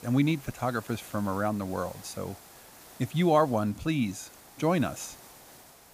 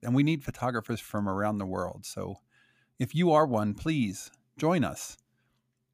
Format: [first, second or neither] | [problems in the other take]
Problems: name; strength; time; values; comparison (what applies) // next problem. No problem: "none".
second | hiss; noticeable; throughout; 20 dB below the speech